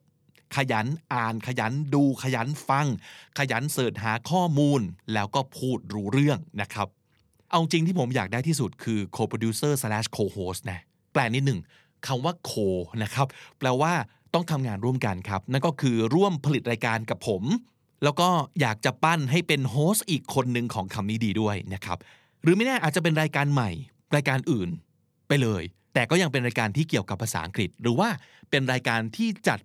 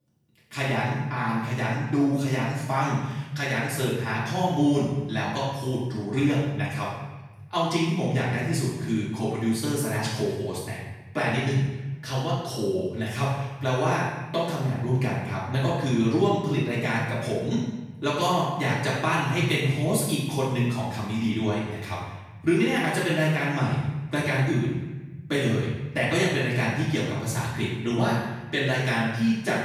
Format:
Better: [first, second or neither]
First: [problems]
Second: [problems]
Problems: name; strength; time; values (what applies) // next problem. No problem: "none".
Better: first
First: none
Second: off-mic speech; far // room echo; strong; dies away in 1 s